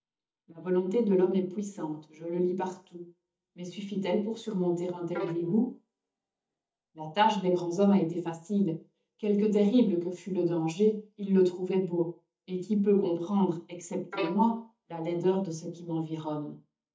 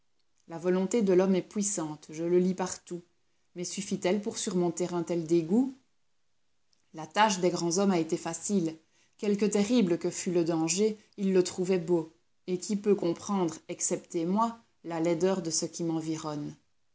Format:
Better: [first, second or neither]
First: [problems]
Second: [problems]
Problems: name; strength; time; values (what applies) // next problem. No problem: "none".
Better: second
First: noise reduction (neural mask model DeepFilterNet 3)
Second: none